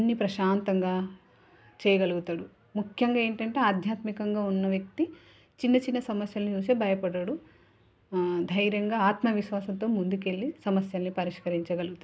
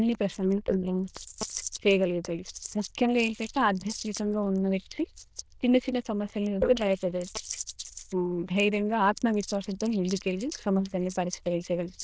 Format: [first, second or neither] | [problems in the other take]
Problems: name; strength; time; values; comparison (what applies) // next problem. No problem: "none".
first | noise reduction (neural diffusion model UNIVERSE++)